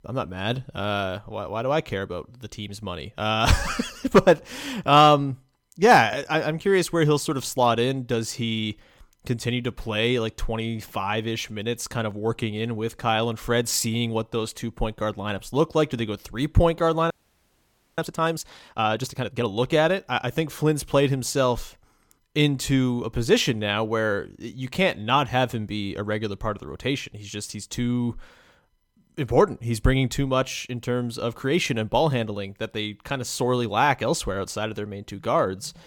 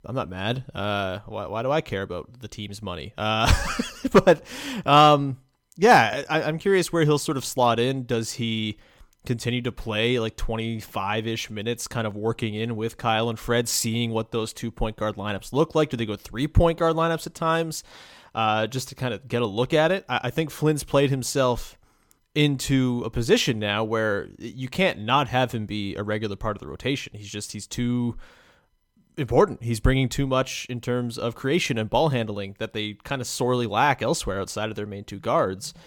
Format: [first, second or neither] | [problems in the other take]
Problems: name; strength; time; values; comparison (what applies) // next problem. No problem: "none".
second | audio freezing; at 17 s for 1 s